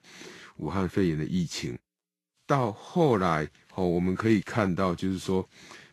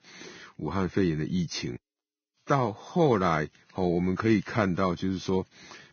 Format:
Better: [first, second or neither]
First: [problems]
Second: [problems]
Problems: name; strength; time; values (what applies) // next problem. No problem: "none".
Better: first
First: garbled, watery; slightly; nothing above 12.5 kHz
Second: garbled, watery; badly; nothing above 6.5 kHz